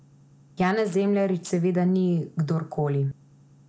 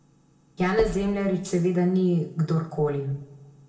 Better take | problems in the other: first | background sound (Knock); 15 dB below the speech // room echo; dies away in 0.6 s

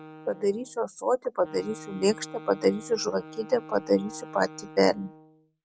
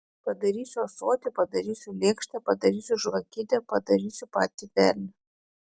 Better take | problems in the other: second | background sound (Wind instrument, woodwind instrument); 17 dB below the speech

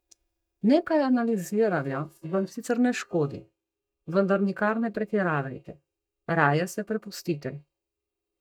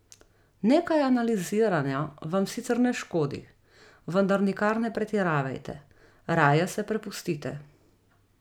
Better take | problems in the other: second | noise reduction (neural mask model DeepFilterNet 3)

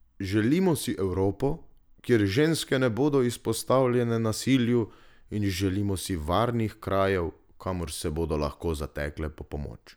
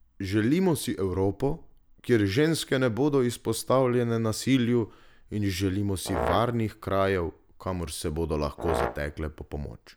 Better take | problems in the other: first | background sound (Brass instrument); 7 dB below the speech

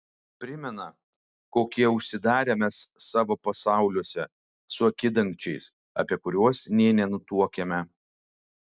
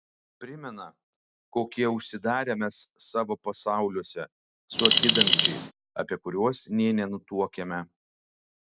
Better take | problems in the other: first | background sound (Alarm); 4 dB above the speech

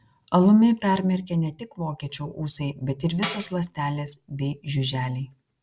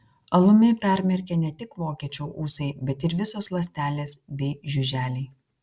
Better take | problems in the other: second | background sound (Tambourine); 13 dB below the speech

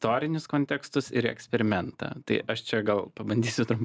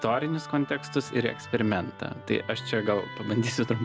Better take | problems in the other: first | background sound (Musical instrument); 13 dB below the speech

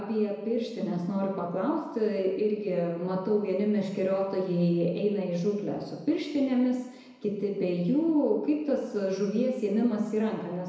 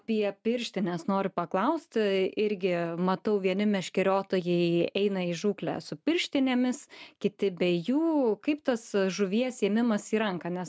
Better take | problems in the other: second | room echo; dies away in 1 s

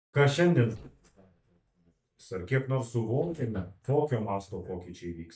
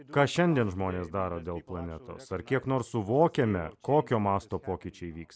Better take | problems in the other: second | noise reduction (neural mask model DeepFilterNet 3)

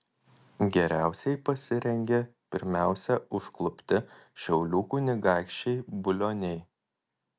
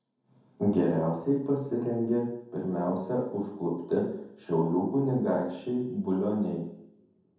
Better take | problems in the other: first | room echo; dies away in 0.9 s

